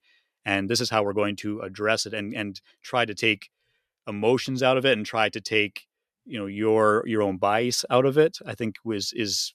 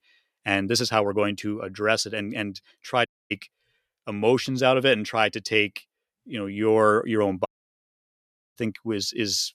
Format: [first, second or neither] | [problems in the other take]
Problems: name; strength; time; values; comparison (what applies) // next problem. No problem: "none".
first | audio cutting out; at 3 s and at 7.5 s for 1 s